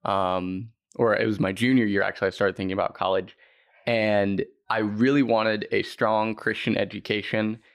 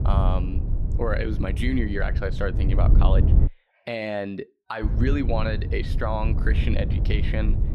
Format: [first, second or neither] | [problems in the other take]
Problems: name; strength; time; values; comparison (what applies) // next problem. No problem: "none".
first | wind noise on the microphone; heavy; until 3.5 s and from 5 s on; 9 dB below the speech